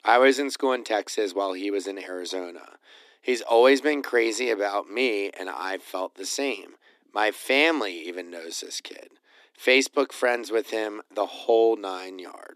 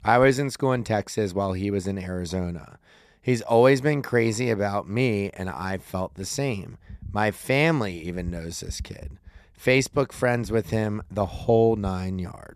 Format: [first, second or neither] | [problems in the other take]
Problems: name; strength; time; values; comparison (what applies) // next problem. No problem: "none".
second | thin; somewhat; fading below 250 Hz